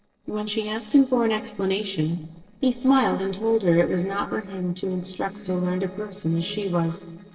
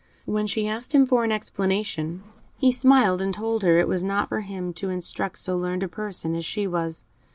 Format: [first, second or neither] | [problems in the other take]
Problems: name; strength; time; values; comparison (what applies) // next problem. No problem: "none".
second | noise reduction (neural separator model SepFormer DNS4)